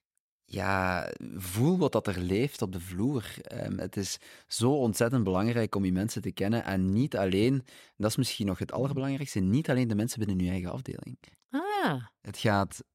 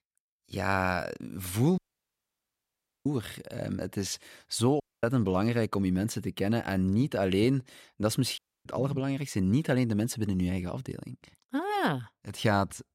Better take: first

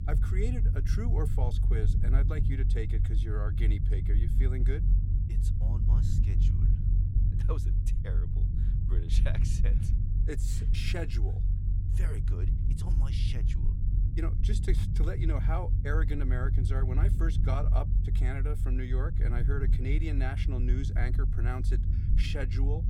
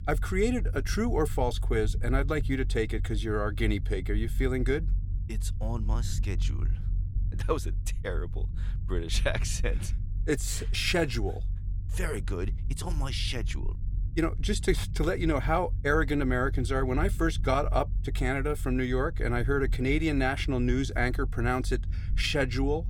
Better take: second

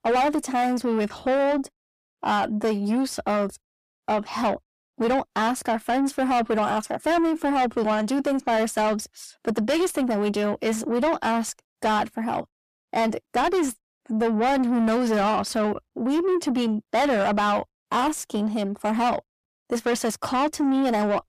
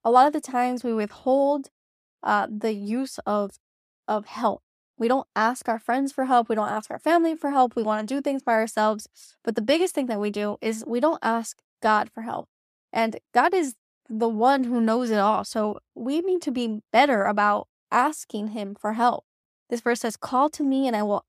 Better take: second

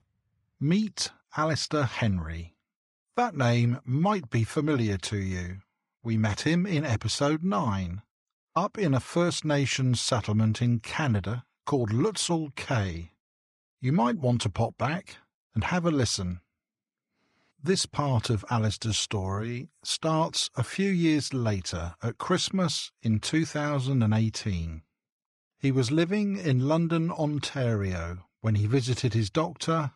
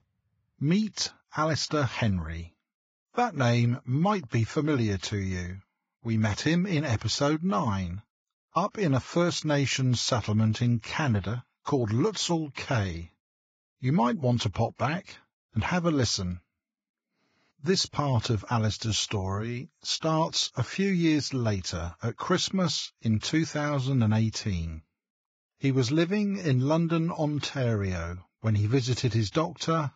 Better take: first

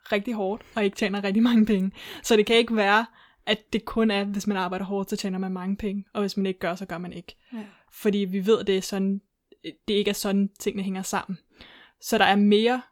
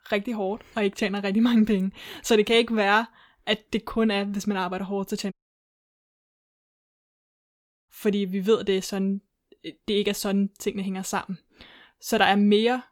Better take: first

